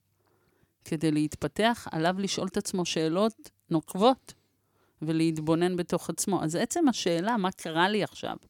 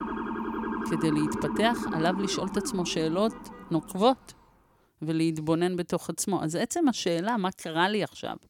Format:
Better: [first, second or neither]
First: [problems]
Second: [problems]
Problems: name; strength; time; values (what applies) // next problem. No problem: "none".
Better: first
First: none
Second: siren; noticeable; until 4 s; peak 3 dB below the speech